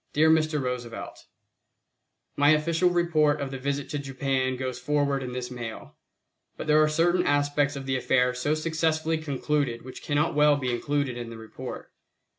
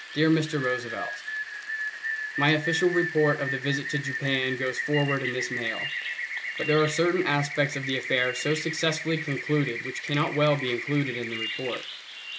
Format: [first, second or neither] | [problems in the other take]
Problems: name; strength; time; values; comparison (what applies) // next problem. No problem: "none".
first | background sound (Rain); 5 dB below the speech